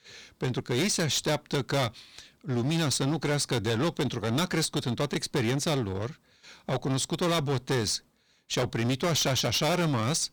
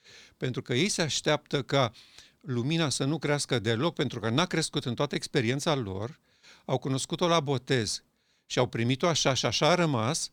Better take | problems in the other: second | distortion; heavy; 16% of the sound clipped

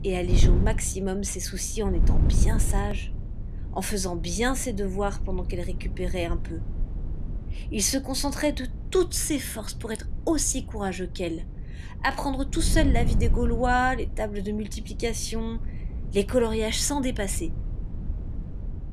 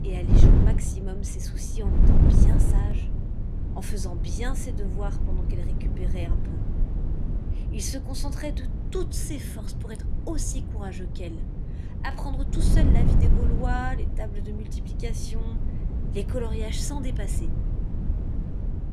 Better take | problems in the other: first | wind noise on the microphone; heavy; 2 dB below the speech; occasional gusts in the first

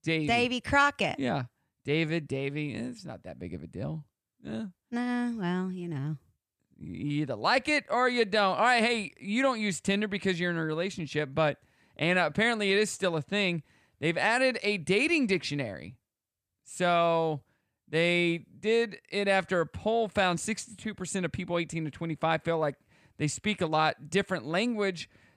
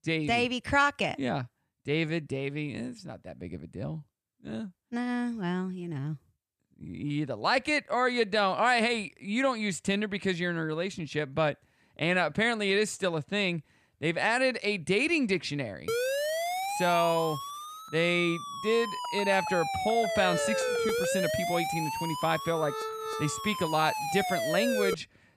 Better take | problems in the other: first | siren; loud; from 16 s on; peak 1 dB above the speech

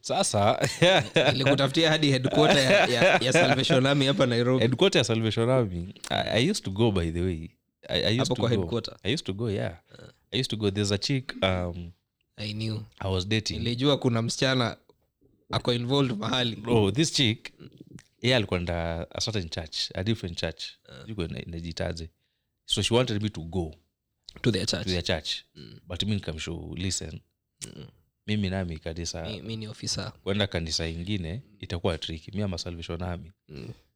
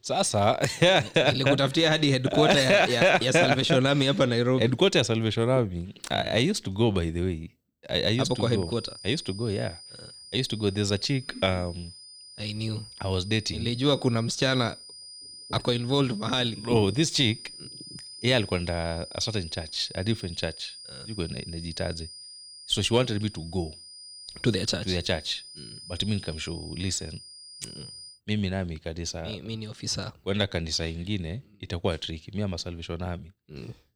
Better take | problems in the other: first | high-pitched whine; noticeable; from 8 to 28 s; 5 kHz, 15 dB below the speech

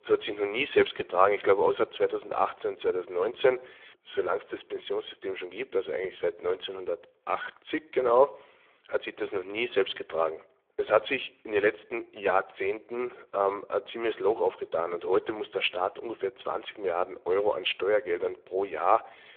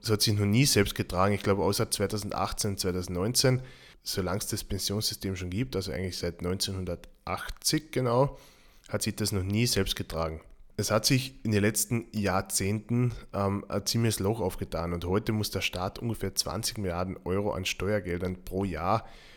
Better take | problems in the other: second | phone-call audio; poor line; nothing above 3.5 kHz

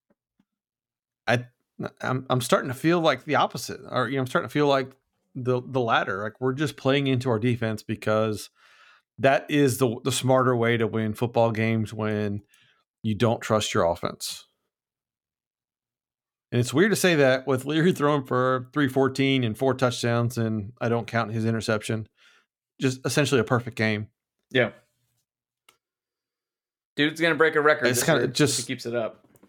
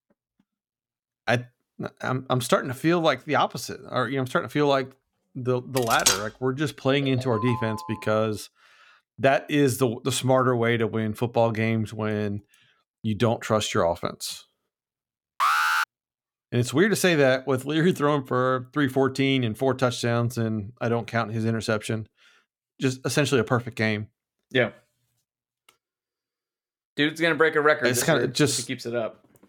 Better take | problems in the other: first | clattering dishes; loud; at 6 s; peak 3 dB above the speech // phone ringing; noticeable; from 7 to 8 s; peak 9 dB below the speech // alarm; loud; at 15 s; peak 4 dB above the speech

